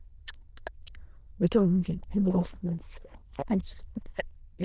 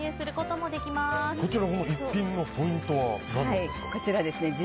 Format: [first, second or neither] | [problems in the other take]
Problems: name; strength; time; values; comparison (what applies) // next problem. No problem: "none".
second | noise reduction (neural diffusion model UNIVERSE++)